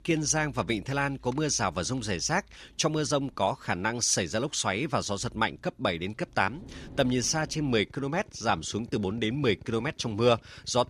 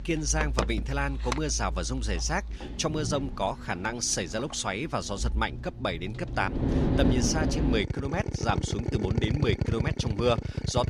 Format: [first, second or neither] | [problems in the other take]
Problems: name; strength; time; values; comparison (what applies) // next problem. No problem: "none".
first | machinery noise; loud; throughout; 1 dB below the speech; faint in the first